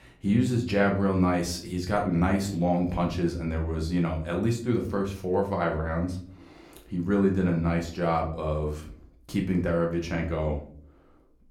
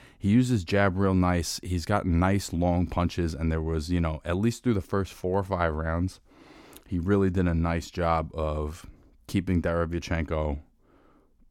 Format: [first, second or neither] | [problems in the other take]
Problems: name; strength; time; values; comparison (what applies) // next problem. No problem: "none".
second | room echo; slight; dies away in 0.4 s // off-mic speech; somewhat distant